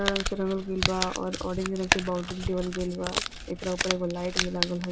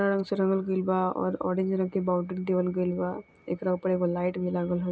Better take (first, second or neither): second